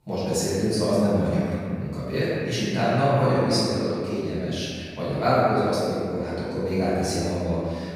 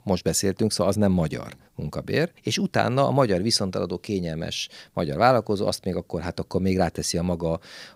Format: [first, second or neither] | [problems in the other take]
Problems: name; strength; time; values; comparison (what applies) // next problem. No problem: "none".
second | room echo; strong; dies away in 2.1 s // off-mic speech; far